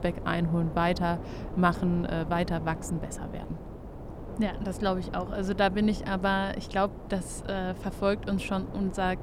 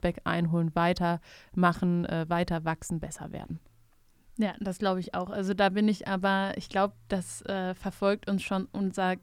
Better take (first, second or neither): second